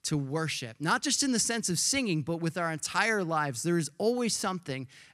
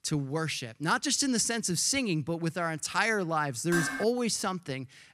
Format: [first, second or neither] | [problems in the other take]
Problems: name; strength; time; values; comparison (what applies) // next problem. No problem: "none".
first | clattering dishes; noticeable; at 3.5 s; peak 3 dB below the speech